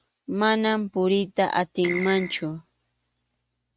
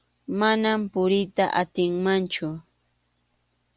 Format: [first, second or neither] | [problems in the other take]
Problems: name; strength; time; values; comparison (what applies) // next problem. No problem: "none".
second | noise reduction (neural mask model RNNoise)